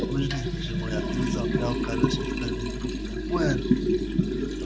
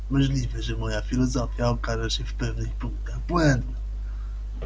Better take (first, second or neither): second